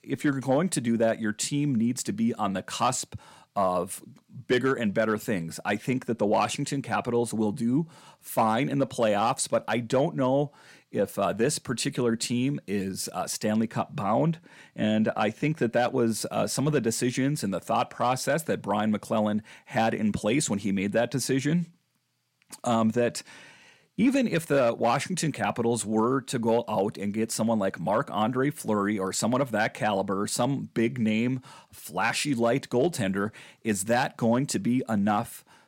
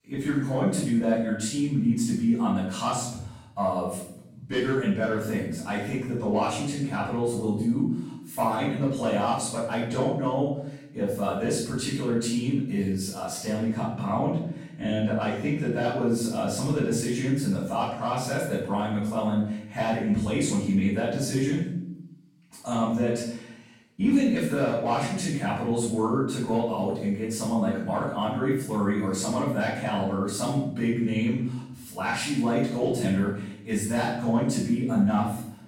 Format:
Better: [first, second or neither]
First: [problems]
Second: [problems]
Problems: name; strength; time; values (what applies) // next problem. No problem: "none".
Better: first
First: none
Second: off-mic speech; far // room echo; noticeable; dies away in 0.7 s